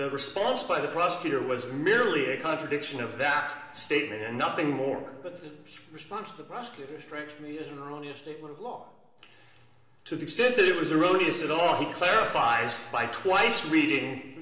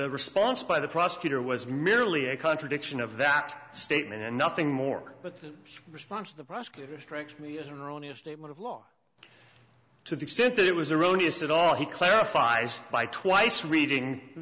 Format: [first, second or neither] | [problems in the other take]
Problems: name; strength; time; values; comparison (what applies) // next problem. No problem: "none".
second | room echo; dies away in 1 s